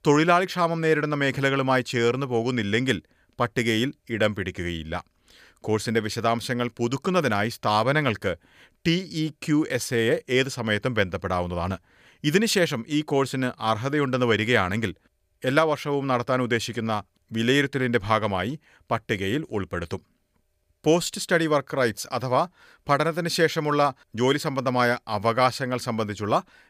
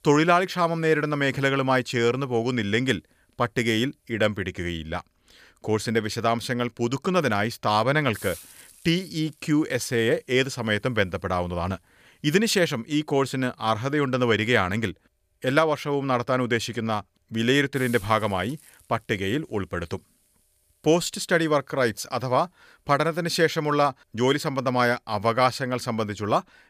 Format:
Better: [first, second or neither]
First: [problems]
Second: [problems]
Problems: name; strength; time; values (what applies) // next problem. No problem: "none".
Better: first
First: none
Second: hiss; faint; throughout; 25 dB below the speech